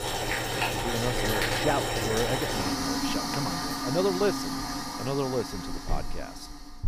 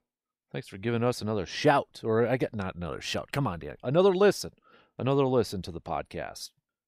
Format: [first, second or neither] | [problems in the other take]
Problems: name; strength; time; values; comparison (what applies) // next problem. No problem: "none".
second | household noises; very loud; throughout; 3 dB above the speech